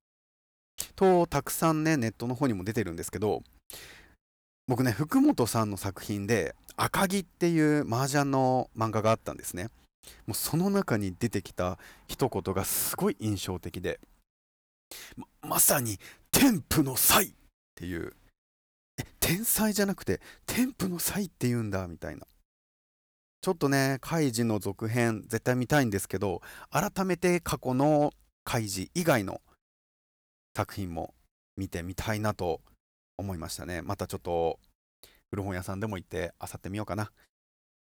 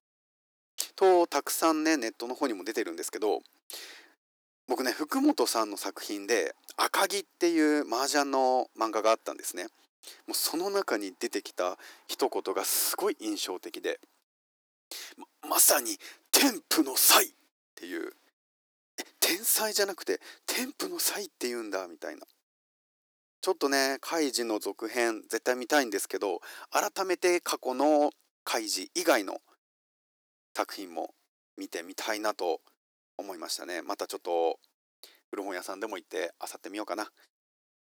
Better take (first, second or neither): first